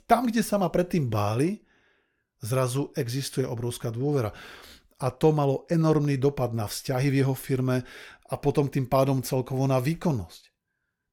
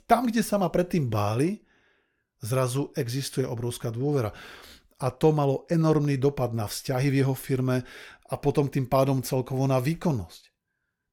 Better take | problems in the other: neither | none

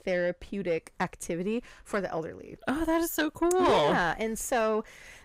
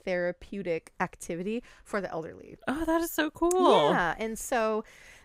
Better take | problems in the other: second | distortion; slight; 10 dB below the speech

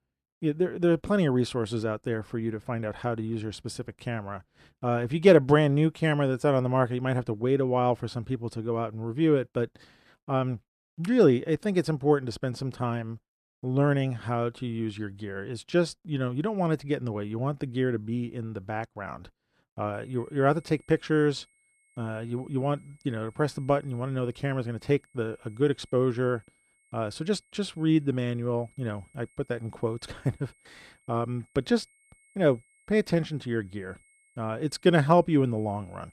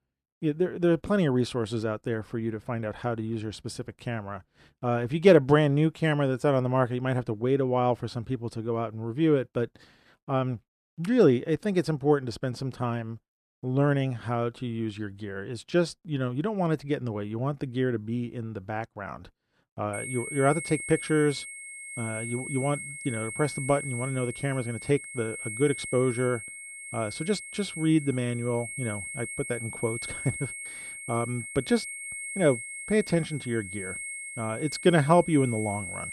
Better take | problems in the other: first | high-pitched whine; loud; from 20 s on; 2 kHz, 8 dB below the speech; faint in the first

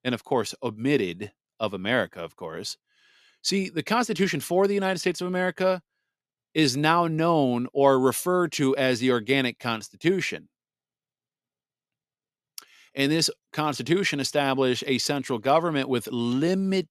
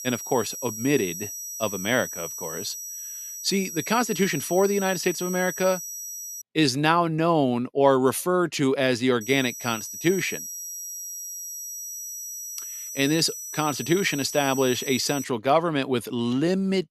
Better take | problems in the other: first | high-pitched whine; loud; until 6.5 s and from 9 to 15 s; 6 kHz, 9 dB below the speech

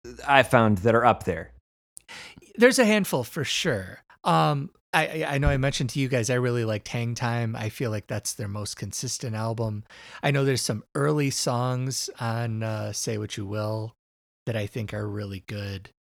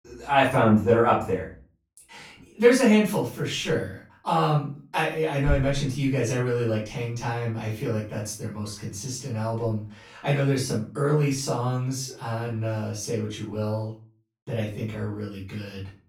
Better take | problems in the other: first | off-mic speech; far // room echo; slight; dies away in 0.3 s

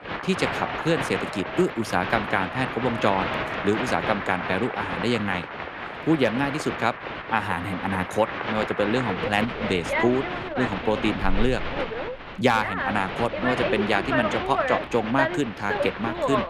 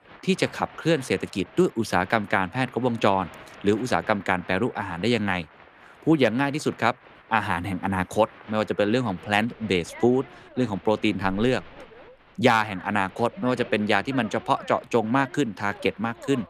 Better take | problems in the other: second | crowd noise; loud; throughout; 3 dB below the speech; faint in the second

